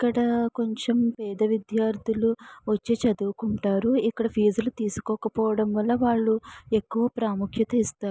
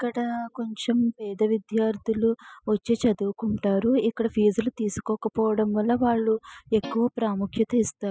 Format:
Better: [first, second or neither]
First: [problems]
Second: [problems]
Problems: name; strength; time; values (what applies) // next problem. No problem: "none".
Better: first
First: none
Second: noise reduction (classical method spectral subtraction)